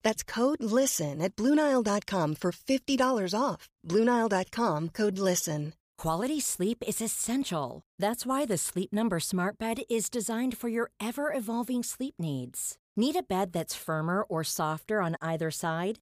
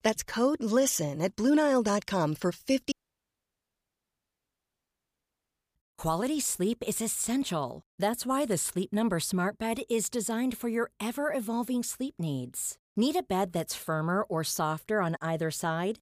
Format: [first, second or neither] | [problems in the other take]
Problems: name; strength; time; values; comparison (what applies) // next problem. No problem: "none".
first | audio cutting out; at 3 s for 3 s